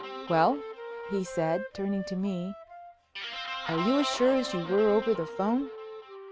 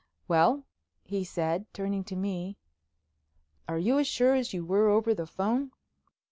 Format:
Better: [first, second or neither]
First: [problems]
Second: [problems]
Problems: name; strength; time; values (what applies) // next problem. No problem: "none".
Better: second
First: background sound (Wind instrument, woodwind instrument + Guitar); 8 dB below the speech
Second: none